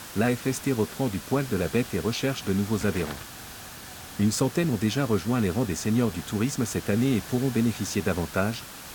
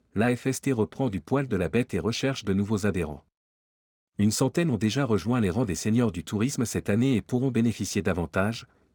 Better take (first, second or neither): second